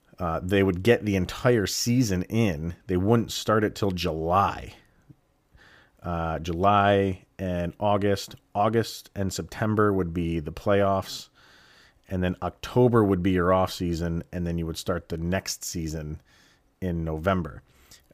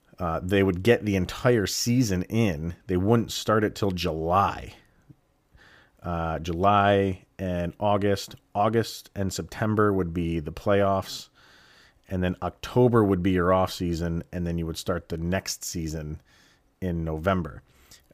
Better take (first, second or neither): neither